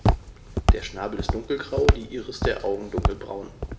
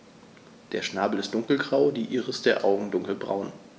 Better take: second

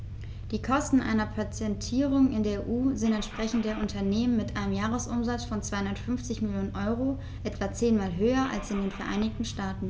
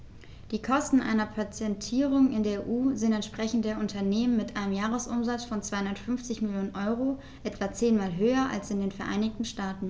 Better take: second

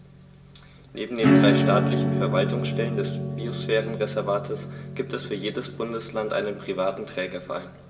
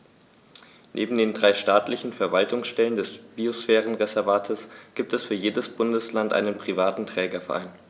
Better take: second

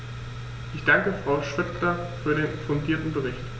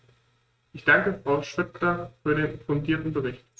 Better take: first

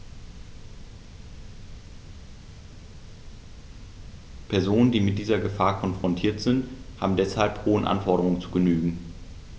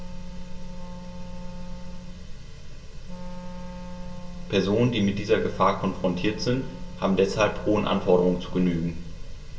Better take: first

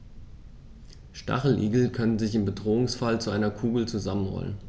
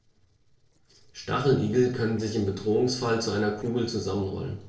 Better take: first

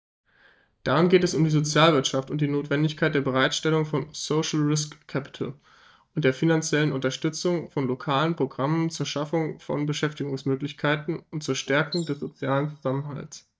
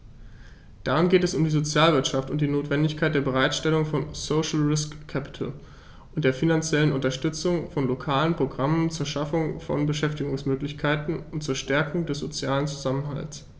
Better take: second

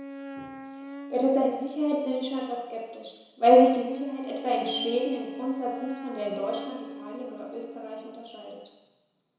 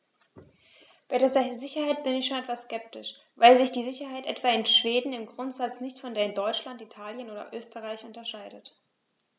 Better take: second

